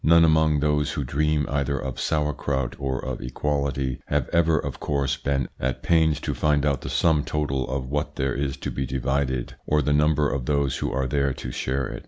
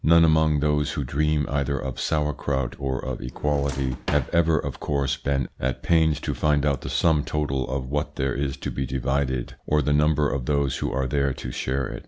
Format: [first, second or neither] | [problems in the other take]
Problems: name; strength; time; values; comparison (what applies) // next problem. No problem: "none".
first | background sound (Drawer open or close); 13 dB below the speech